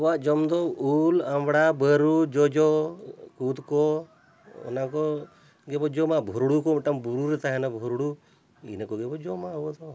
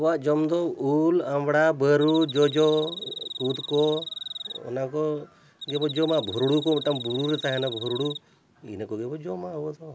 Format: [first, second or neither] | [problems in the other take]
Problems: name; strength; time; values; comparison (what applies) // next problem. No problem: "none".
first | background sound (Cricket); 11 dB below the speech